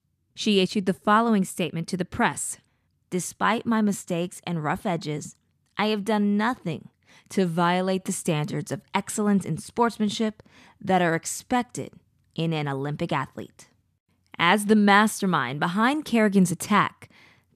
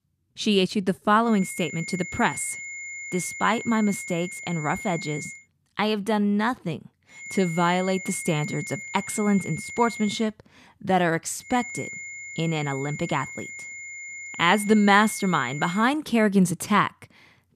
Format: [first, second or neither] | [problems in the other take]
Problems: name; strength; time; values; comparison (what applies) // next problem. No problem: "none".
first | high-pitched whine; noticeable; from 1.5 to 5.5 s, from 7 to 10 s and from 11 to 16 s; 2 kHz, 10 dB below the speech